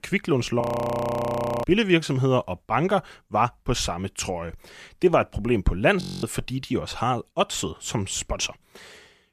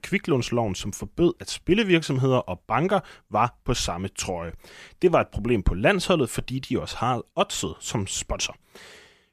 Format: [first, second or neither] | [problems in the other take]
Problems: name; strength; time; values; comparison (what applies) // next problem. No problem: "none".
second | audio freezing; at 0.5 s for 1 s and at 6 s